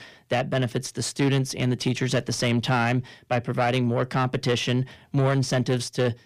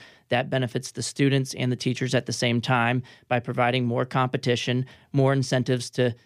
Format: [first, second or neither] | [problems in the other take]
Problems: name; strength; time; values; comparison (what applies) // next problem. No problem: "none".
second | distortion; slight; 10 dB below the speech